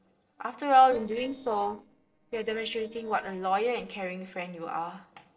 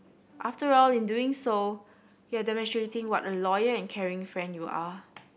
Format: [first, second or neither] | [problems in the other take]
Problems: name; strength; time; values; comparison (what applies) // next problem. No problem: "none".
second | noise reduction (neural separator model SepFormer DNS4)